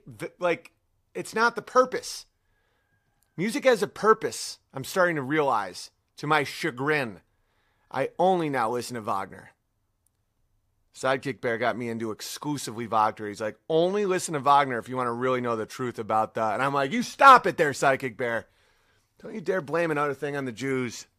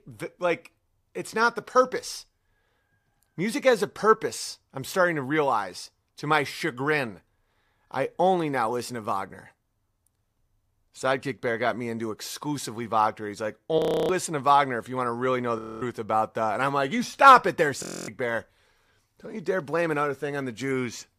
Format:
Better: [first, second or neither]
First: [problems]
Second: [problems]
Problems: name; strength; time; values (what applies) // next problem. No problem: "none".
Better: first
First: none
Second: audio freezing; at 14 s, at 16 s and at 18 s